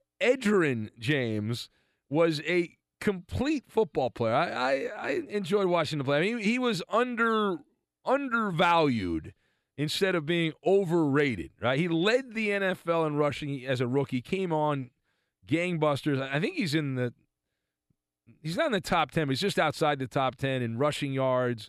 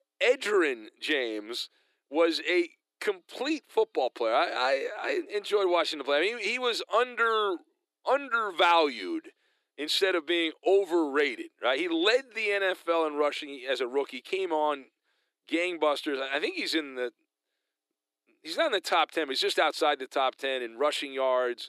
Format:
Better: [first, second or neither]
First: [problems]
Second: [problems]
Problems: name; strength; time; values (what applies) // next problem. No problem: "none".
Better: first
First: none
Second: thin; somewhat; fading below 350 Hz